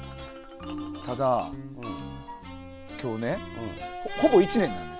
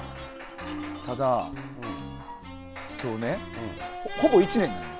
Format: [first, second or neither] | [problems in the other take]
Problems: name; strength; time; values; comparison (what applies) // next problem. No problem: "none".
first | background sound (Hammer); 17 dB below the speech